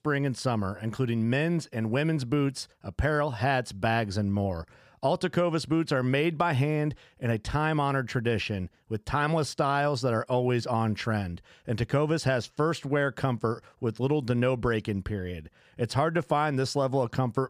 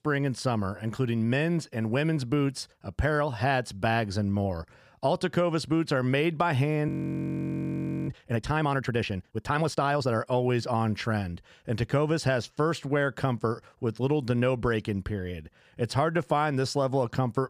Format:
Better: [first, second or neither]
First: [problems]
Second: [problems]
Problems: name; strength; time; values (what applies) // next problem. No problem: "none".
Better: first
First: none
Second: audio freezing; at 7 s for 1 s